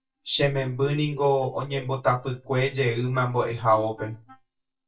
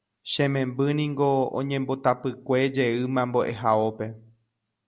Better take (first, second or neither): second